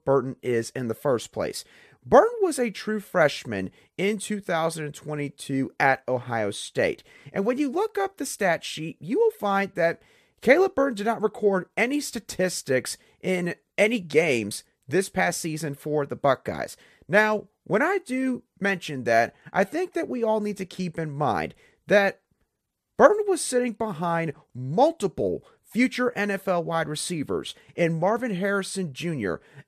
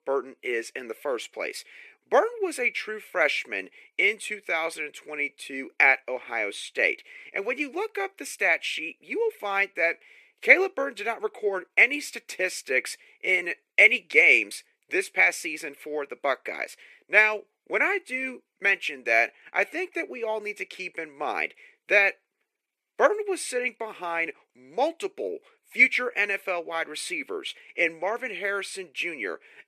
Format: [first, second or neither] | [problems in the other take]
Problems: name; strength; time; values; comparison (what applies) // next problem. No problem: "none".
first | thin; somewhat; fading below 350 Hz